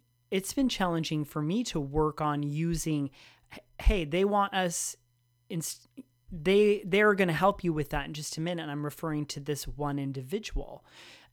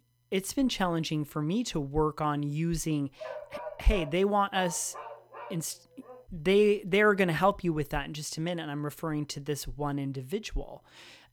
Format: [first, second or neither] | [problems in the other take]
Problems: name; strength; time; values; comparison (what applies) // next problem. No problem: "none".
first | dog barking; faint; from 3 to 6 s; peak 10 dB below the speech